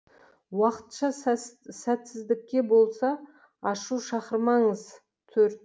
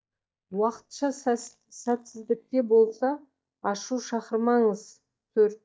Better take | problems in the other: first | noise reduction (neural mask model DeepFilterNet 3)

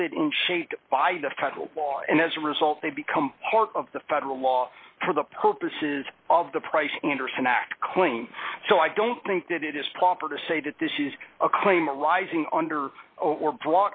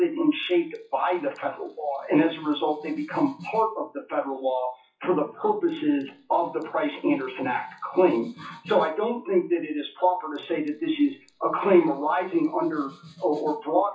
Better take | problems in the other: first | noise reduction (classical method WPE with log-MMSE)

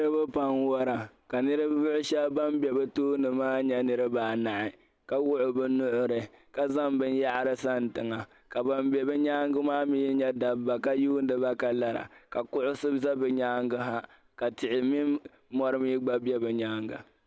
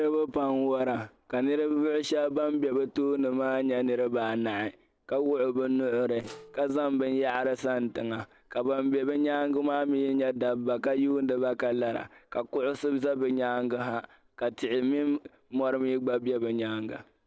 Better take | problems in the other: first | noise reduction (neural separator model SepFormer DNS4)

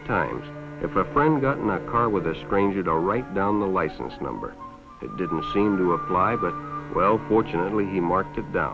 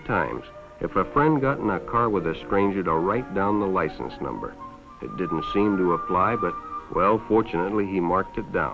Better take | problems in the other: second | background sound (Bowed string instrument); 16 dB below the speech

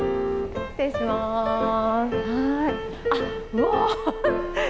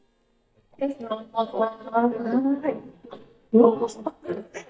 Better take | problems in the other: first | noise reduction (neural mask model DeepFilterNet 3)

